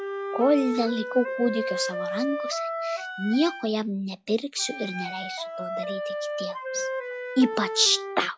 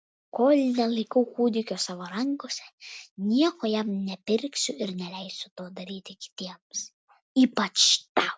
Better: second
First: noise reduction (classical method log-MMSE)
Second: none

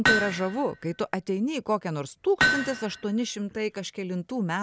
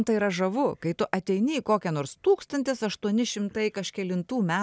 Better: second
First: background sound (Hammer); 1 dB below the speech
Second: none

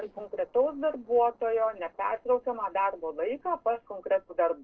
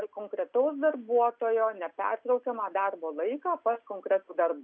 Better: second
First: noise reduction (neural separator model SepFormer DNS4)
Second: none

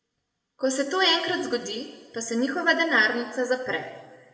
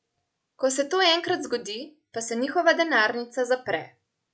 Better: second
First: room echo; dies away in 1.6 s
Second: none

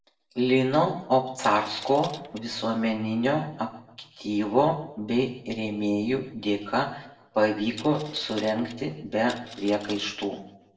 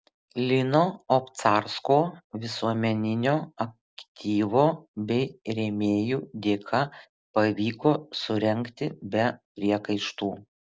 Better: second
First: background sound (Coin (dropping)); 18 dB below the speech // room echo; dies away in 0.7 s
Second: none

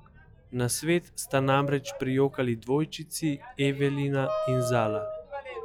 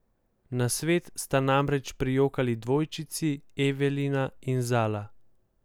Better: second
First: noise reduction (classical method log-MMSE)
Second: none

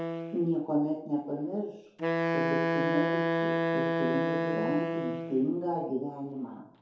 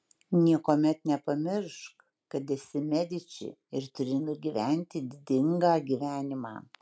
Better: second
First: background sound (Wind instrument, woodwind instrument); 1 dB above the speech // room echo; dies away in 2.3 s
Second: none

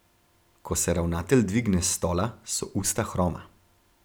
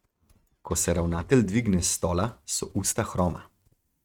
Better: first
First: none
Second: noise reduction (neural mask model RNNoise)

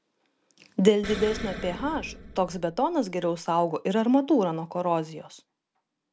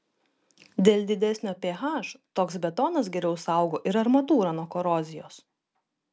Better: second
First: background sound (Explosion); 12 dB below the speech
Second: none

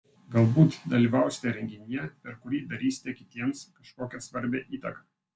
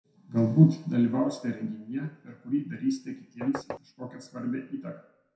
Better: first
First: none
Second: background sound (Knock); 9 dB below the speech // room echo; dies away in 0.5 s

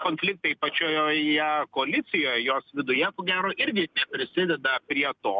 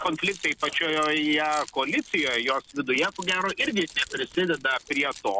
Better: first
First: none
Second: background sound (Keys jangling); 18 dB below the speech

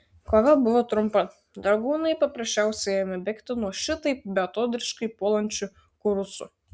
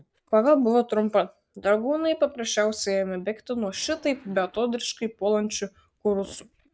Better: first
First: none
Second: noise reduction (neural mask model DeepFilterNet 3)

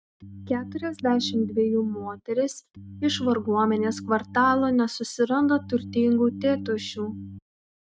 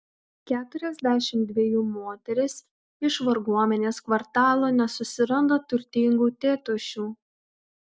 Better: second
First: noise reduction (neural mask model RNNoise)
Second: none

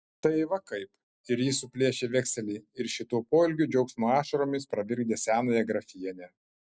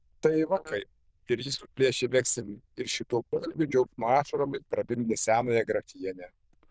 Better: first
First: none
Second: noise reduction (neural diffusion model UNIVERSE++)

